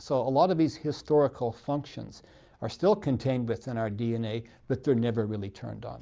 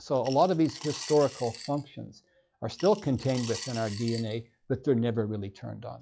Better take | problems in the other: first | noise reduction (classical method log-MMSE)

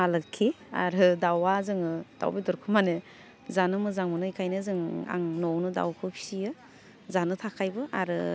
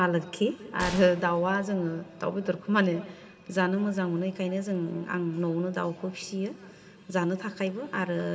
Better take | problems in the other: first | background sound (Gunshot, gunfire); 16 dB below the speech // room echo; dies away in 2.4 s

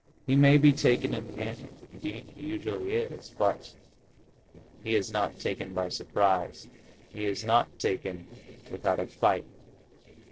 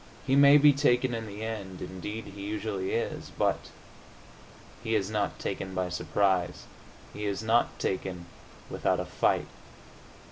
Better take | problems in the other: second | noise reduction (neural separator model SepFormer DNS4)

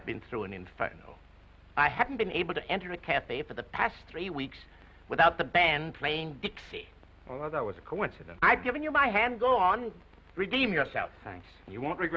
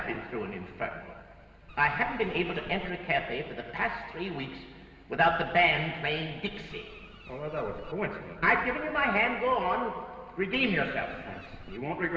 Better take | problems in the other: first | background sound (Bird); 18 dB below the speech // room echo; dies away in 2.1 s

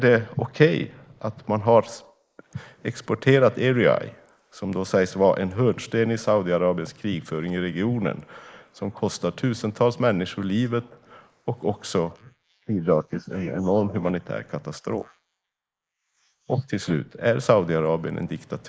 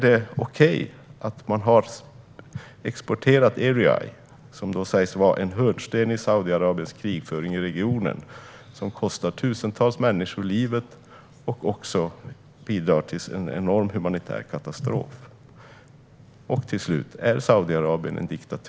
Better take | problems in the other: second | noise reduction (neural mask model Resemble Enhance denoiser)

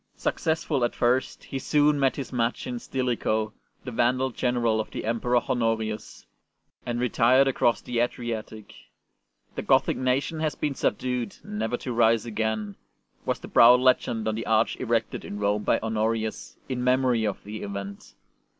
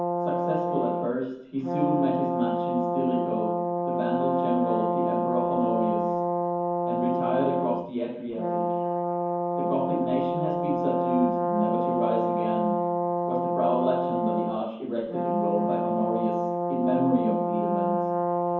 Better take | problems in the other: first | background sound (Brass instrument); 2 dB above the speech // room echo; dies away in 0.9 s

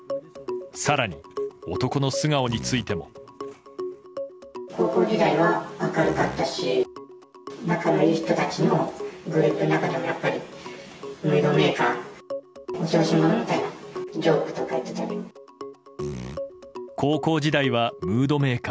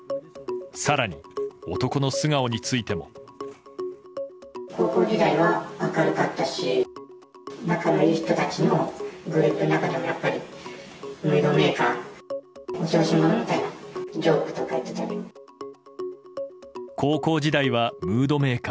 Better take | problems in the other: second | background sound (Fart); 12 dB below the speech

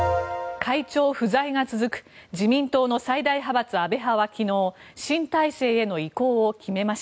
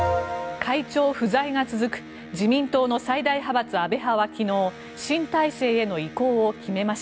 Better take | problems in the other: first | background sound (Electric guitar); 17 dB below the speech

